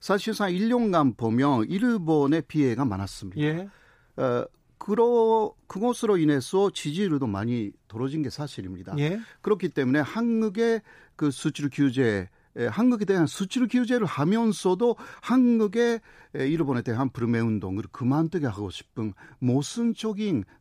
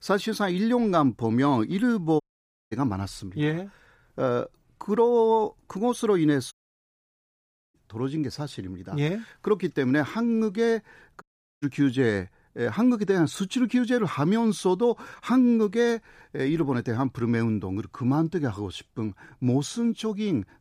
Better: first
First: none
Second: audio cutting out; at 2 s for 0.5 s, at 6.5 s for 1 s and at 11 s

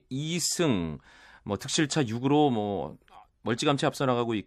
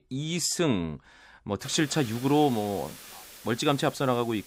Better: first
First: none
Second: hiss; noticeable; from 1.5 s on; 15 dB below the speech

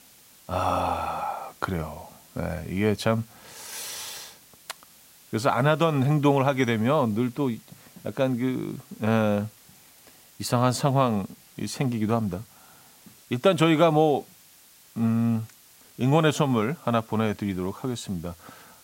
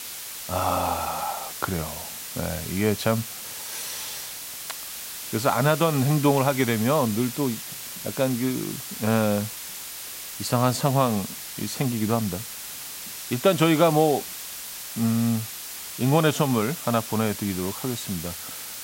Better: first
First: hiss; faint; throughout; 25 dB below the speech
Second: hiss; loud; throughout; 8 dB below the speech

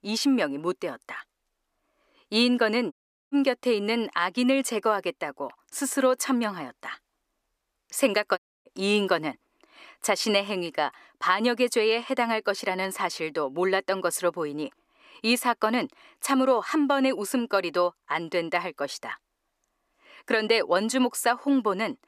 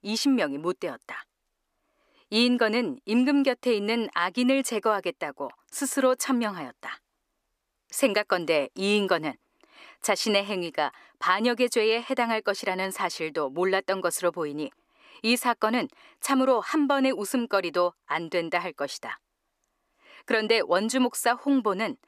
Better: second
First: audio cutting out; at 3 s and at 8.5 s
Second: none

